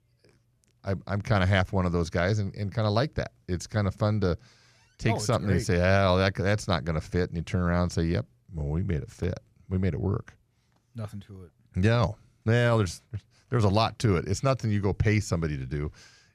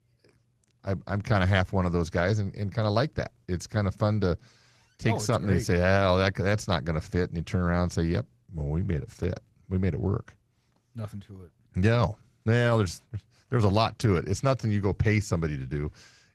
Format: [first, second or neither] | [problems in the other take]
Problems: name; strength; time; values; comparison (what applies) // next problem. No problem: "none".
first | garbled, watery; slightly; nothing above 14.5 kHz